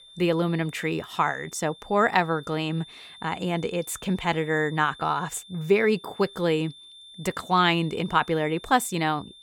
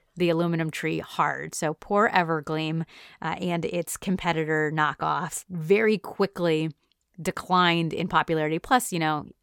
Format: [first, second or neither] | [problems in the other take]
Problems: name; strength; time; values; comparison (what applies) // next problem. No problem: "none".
second | high-pitched whine; noticeable; throughout; 3.5 kHz, 20 dB below the speech